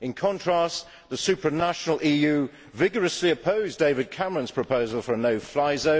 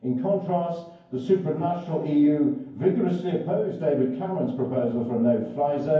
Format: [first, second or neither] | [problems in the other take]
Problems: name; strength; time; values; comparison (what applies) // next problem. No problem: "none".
first | room echo; dies away in 0.9 s